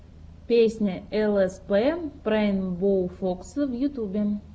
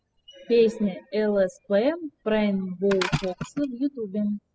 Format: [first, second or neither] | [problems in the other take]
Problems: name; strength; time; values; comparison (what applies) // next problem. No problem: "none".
first | noise reduction (classical method spectral subtraction)